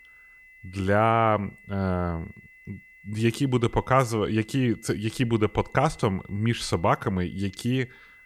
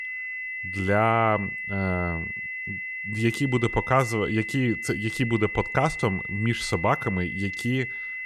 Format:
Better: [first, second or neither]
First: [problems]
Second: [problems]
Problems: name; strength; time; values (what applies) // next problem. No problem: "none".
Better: first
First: high-pitched whine; faint; throughout; 2 kHz, 25 dB below the speech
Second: high-pitched whine; loud; throughout; 2 kHz, 5 dB below the speech